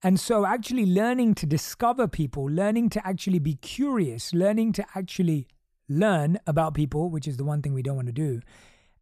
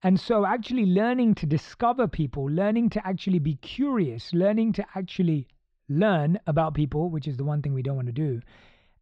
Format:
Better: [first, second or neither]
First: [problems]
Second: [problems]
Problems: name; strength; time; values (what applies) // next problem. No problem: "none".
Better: first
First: none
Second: muffled; slightly; fading above 4 kHz